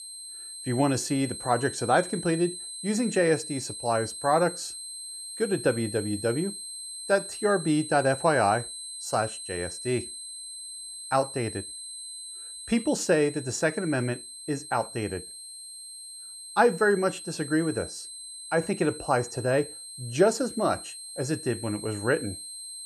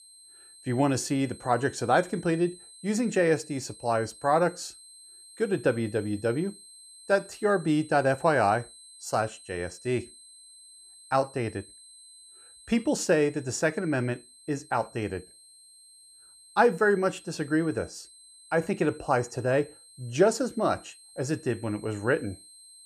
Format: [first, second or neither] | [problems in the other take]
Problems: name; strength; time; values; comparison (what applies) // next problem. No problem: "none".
second | high-pitched whine; loud; throughout; 8.5 kHz, 10 dB below the speech; faint in the second